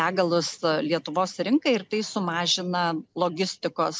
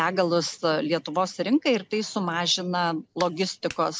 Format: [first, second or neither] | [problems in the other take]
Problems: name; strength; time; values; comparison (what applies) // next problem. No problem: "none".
first | background sound (Clapping); 17 dB below the speech